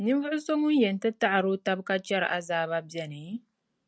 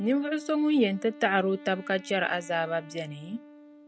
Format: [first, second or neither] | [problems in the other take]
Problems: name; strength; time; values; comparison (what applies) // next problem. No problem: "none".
first | background sound (Wind instrument, woodwind instrument); 19 dB below the speech